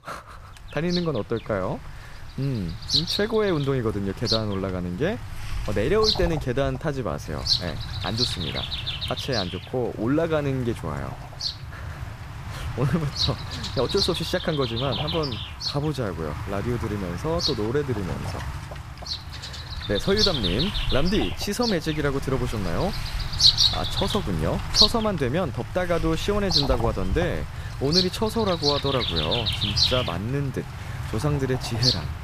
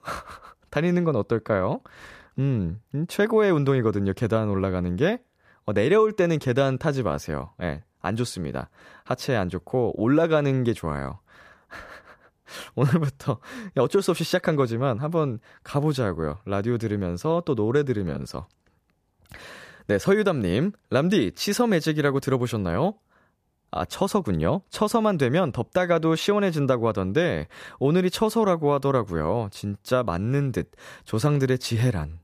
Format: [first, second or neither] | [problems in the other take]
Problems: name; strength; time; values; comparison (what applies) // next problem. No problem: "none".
second | animal sounds; very loud; throughout; 1 dB above the speech